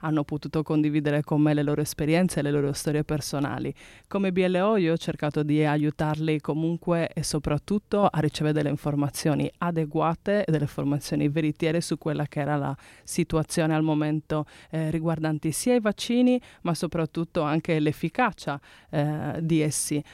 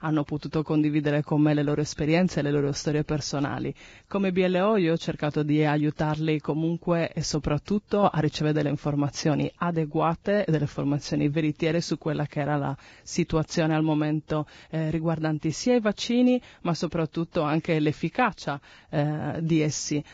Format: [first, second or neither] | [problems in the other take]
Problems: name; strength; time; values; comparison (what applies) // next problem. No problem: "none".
first | garbled, watery; badly; nothing above 7.5 kHz